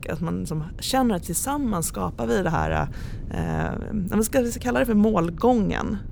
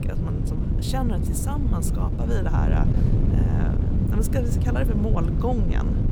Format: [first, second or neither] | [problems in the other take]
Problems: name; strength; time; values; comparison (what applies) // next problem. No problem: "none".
first | wind noise on the microphone; heavy; 2 dB below the speech; occasional gusts in the first